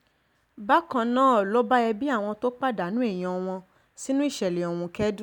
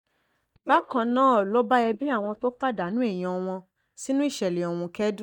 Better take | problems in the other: first | noise reduction (neural mask model DeepFilterNet 3)

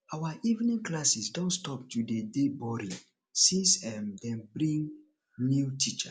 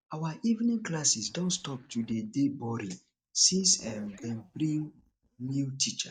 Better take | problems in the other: first | noise reduction (neural mask model DeepFilterNet 3)

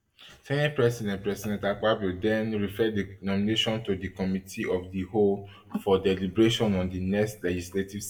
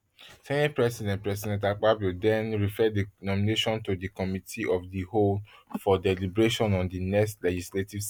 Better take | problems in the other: second | room echo; dies away in 0.5 s

